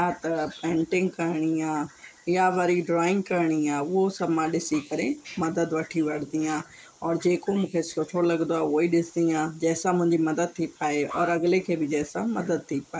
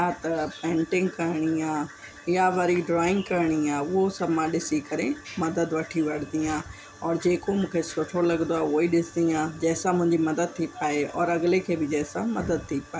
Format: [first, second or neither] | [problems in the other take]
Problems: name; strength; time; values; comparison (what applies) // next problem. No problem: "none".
second | noise reduction (neural mask model Resemble Enhance denoiser)